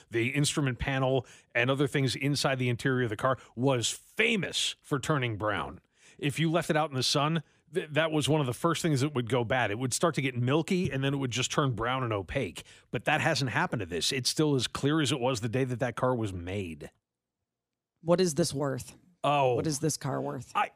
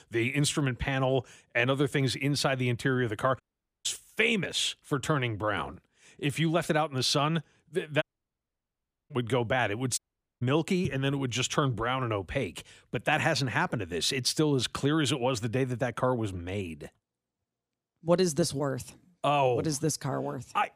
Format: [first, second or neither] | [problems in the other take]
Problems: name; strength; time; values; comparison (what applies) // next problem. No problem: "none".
first | audio cutting out; at 3.5 s, at 8 s for 1 s and at 10 s